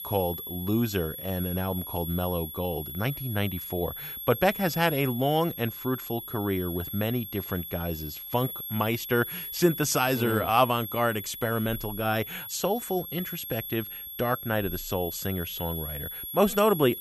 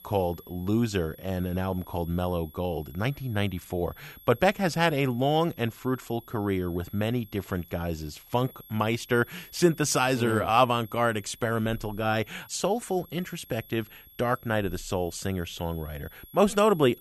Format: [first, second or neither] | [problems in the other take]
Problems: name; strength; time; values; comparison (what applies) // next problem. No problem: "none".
second | high-pitched whine; loud; throughout; 11.5 kHz, 7 dB below the speech; faint in the second